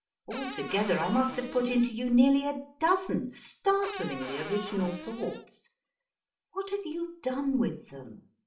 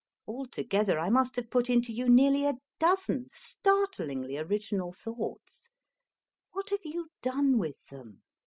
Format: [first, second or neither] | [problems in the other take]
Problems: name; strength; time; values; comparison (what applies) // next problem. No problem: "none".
second | background sound (Cupboard open or close / Door); 11 dB below the speech // room echo; dies away in 0.4 s